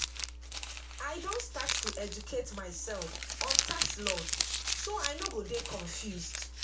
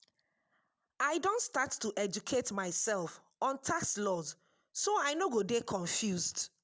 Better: second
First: background sound (Crumpling, crinkling); 4 dB above the speech // room echo; dies away in 0.3 s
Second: none

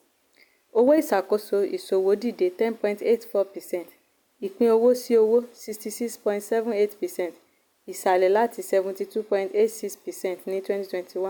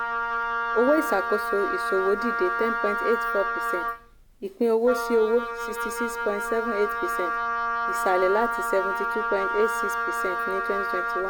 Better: first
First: none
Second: background sound (Wind instrument, woodwind instrument); 1 dB below the speech

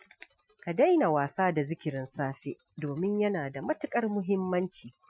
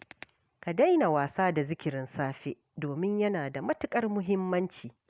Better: second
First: noise reduction (classical method Wiener filter)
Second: none

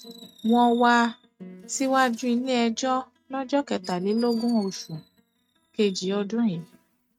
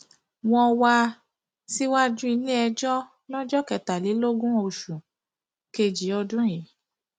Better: second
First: noise reduction (neural mask model RNNoise)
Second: none

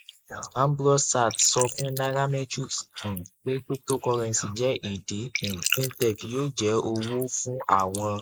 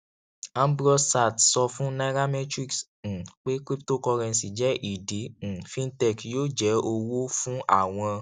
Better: second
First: noise reduction (neural mask model Resemble Enhance denoiser)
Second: none

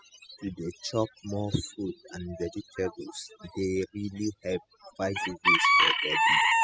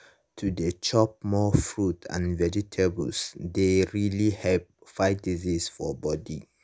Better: second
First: noise reduction (classical method spectral subtraction)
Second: none

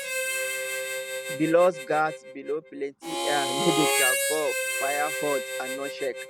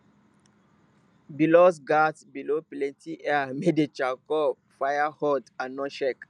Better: second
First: background sound (Harmonica); 1 dB below the speech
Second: none

